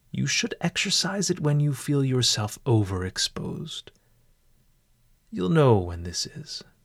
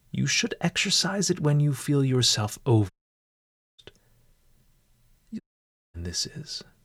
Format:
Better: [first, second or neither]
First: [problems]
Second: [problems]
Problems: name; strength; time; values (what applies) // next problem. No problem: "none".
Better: first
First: none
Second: audio cutting out; at 3 s for 1 s and at 5.5 s for 0.5 s